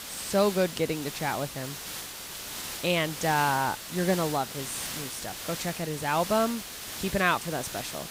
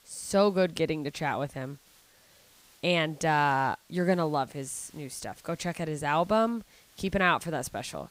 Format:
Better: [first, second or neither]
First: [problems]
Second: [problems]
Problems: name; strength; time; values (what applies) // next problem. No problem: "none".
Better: second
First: hiss; loud; throughout; 7 dB below the speech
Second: hiss; faint; throughout; 30 dB below the speech